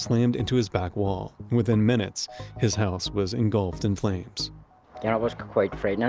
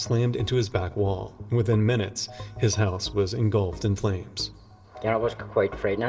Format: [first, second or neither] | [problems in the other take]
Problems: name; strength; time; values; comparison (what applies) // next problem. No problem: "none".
first | room echo; dies away in 1.2 s